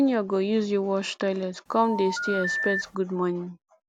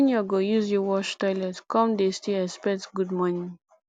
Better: second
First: background sound (Telephone); 4 dB below the speech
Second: none

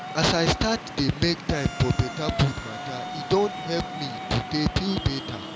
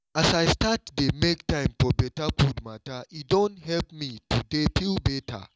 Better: second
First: background sound (Wind instrument, woodwind instrument + Traffic noise, roadway noise); 9 dB below the speech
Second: none

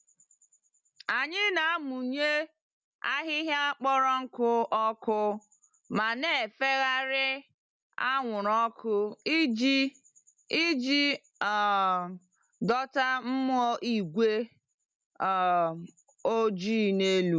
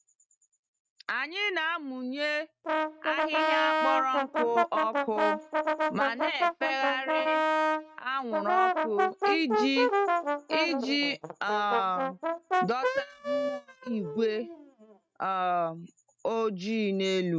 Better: first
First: none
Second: noise reduction (neural mask model RNNoise)

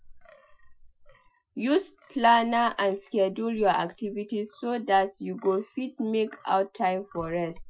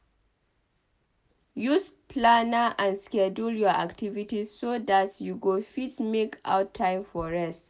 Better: second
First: noise reduction (classical method Wiener filter)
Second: none

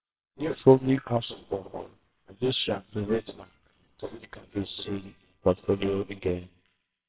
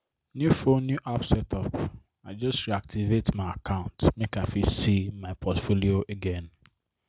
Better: second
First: noise reduction (neural separator model SepFormer WHAMR!)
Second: none

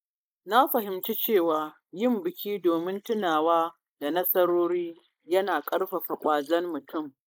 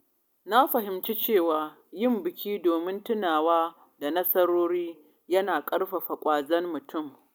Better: second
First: noise reduction (neural mask model Resemble Enhance denoiser)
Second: none

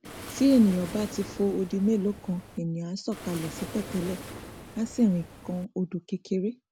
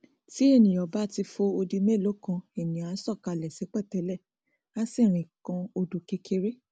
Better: second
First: background sound (Waves, surf); 13 dB below the speech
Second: none

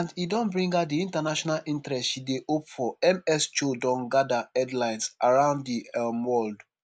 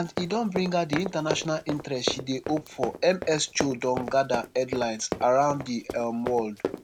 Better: first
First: none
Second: background sound (Run); 8 dB below the speech

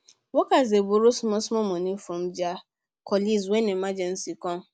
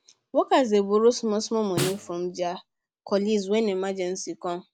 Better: first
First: none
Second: background sound (Snare drum); 8 dB below the speech

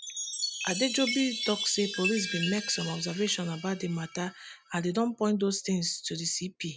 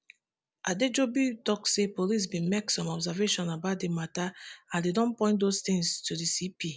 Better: second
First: background sound (Chime); 7 dB below the speech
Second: none

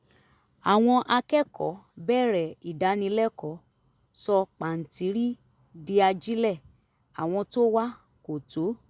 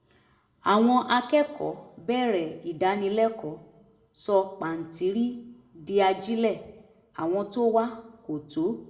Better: first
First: none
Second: room echo; dies away in 0.7 s

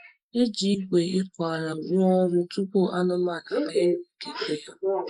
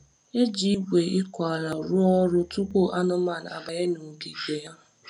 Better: second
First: noise reduction (neural mask model Resemble Enhance denoiser)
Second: none

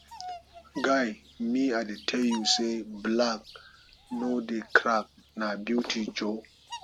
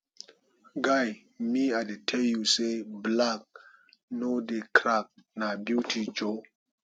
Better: second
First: background sound (Bird vocalization, bird call, bird song); 17 dB below the speech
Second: none

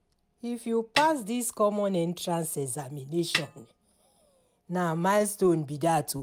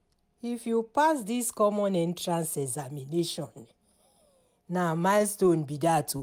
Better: second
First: background sound (Snare drum); 7 dB below the speech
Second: none

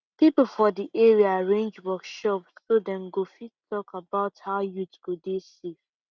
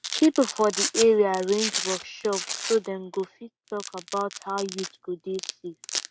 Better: first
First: none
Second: background sound (Domestic sounds, home sounds); 8 dB below the speech

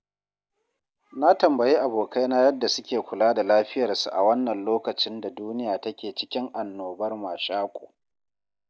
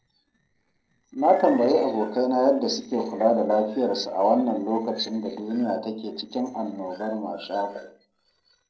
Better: first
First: none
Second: noise reduction (neural separator model SepFormer DNS4)

